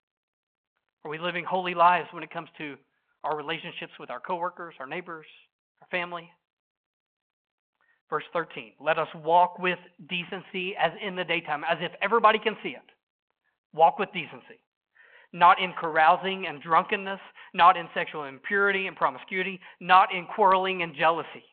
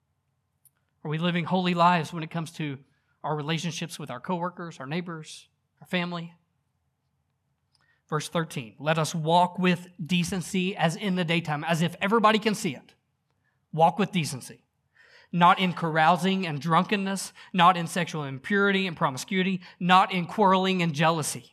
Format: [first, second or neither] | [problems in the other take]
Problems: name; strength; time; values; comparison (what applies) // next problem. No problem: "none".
second | phone-call audio